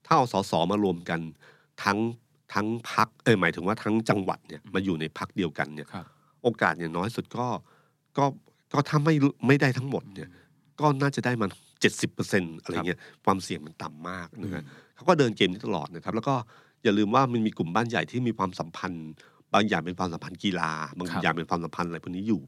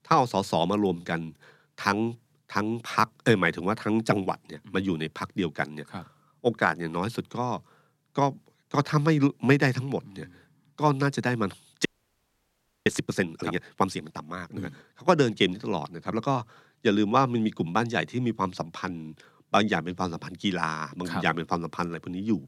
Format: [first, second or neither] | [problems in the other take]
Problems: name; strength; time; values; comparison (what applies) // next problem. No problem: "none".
first | audio freezing; at 12 s for 1 s